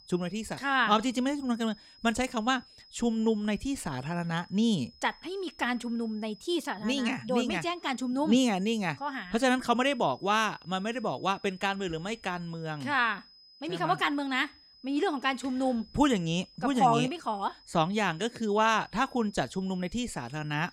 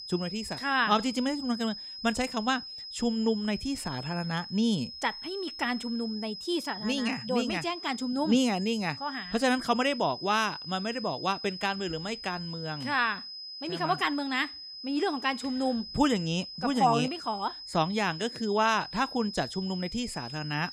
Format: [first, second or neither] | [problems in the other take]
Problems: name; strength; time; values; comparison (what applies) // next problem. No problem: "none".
first | high-pitched whine; loud; throughout; 5 kHz, 10 dB below the speech; faint in the first